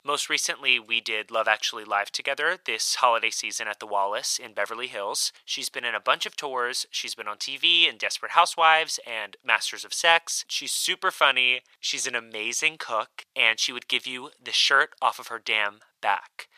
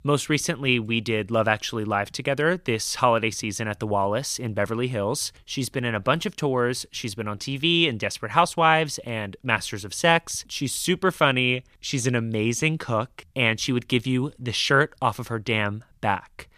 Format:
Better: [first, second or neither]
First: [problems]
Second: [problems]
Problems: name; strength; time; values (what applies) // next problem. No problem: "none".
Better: second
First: thin; very; fading below 800 Hz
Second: none